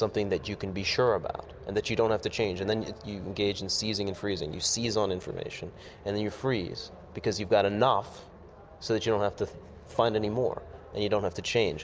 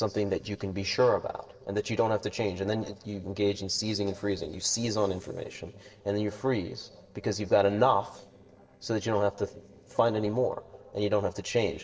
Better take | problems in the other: first | noise reduction (neural separator model SepFormer DNS4)

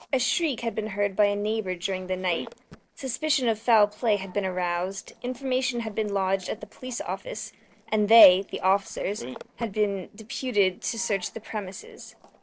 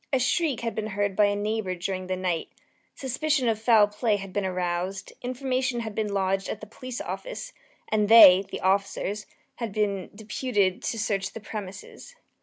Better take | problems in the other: second | noise reduction (neural separator model SepFormer DNS4)

